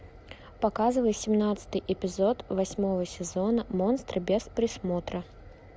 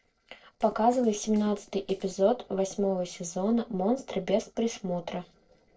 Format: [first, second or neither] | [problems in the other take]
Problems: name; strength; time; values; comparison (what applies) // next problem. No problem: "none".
first | noise reduction (neural separator model SepFormer DNS4)